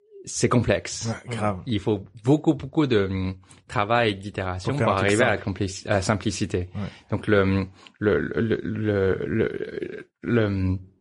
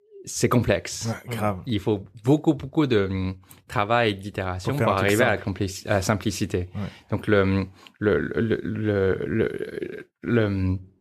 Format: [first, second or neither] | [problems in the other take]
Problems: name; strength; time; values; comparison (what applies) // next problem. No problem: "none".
second | garbled, watery; slightly; nothing above 10.5 kHz